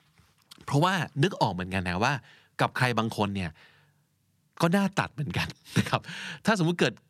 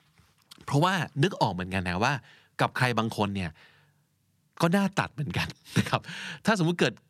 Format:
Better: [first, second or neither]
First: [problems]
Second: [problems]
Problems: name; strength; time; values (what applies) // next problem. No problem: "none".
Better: neither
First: none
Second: none